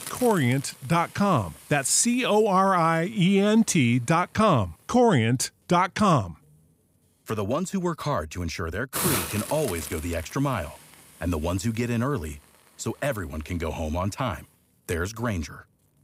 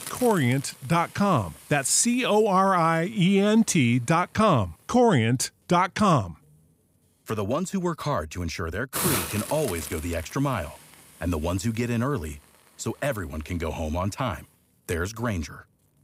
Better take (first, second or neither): neither